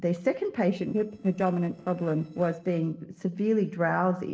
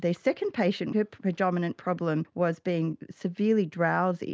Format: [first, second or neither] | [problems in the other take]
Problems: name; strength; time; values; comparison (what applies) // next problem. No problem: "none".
second | noise reduction (neural separator model SepFormer DNS4)